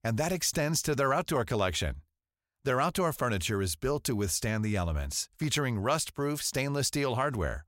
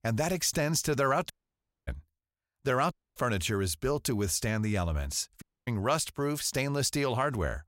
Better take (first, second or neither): first